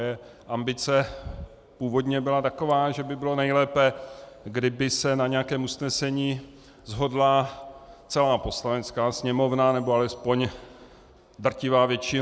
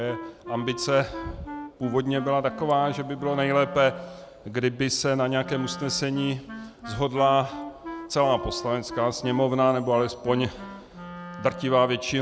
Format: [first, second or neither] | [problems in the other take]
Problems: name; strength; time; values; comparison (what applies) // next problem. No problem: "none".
first | background sound (Wind instrument, woodwind instrument); 14 dB below the speech